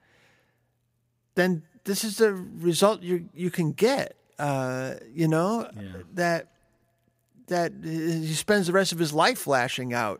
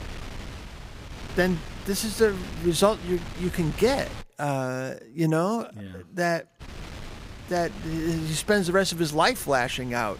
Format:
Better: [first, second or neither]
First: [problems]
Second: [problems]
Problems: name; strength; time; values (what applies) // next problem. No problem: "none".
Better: first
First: none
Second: wind noise on the microphone; occasional gusts; until 4 s and from 6.5 s on; 15 dB below the speech